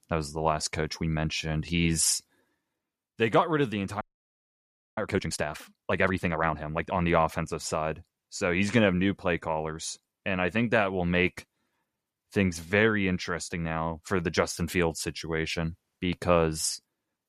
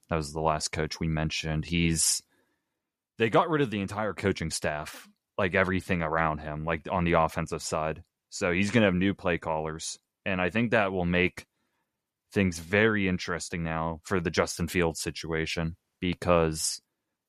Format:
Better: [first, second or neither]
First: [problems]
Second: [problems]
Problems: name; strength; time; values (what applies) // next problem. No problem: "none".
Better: second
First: audio freezing; at 4 s for 1 s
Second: none